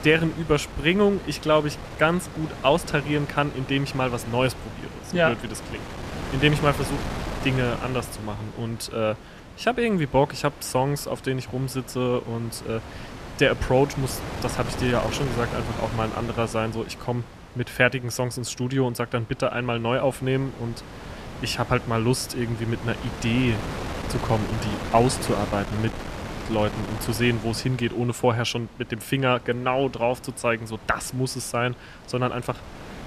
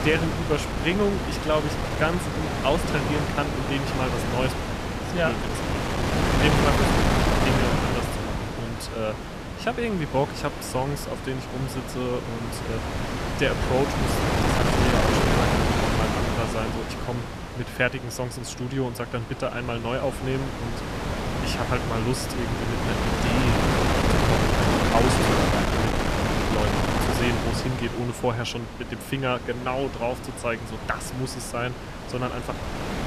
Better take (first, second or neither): first